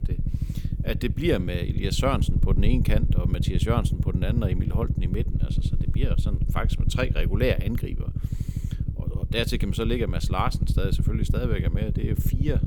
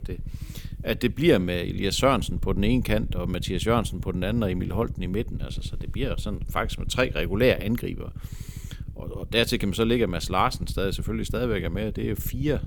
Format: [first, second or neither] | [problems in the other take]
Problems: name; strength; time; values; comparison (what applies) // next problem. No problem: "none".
second | low rumble; loud; throughout; 8 dB below the speech; faint in the second